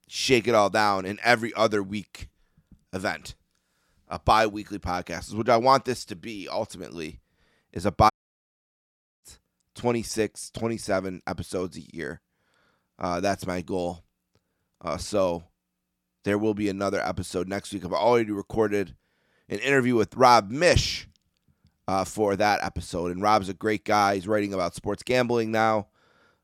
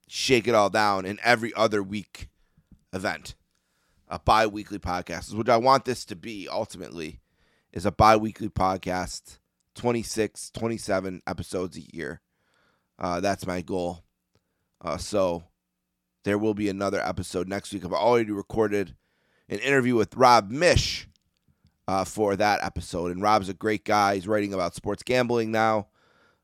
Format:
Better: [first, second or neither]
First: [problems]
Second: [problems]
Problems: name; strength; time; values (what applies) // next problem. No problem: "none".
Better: second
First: audio cutting out; at 8 s for 1 s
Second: none